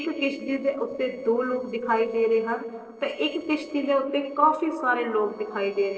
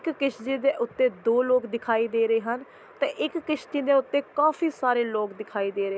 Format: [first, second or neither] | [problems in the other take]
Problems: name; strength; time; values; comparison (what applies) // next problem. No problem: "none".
second | noise reduction (neural separator model SepFormer DNS4)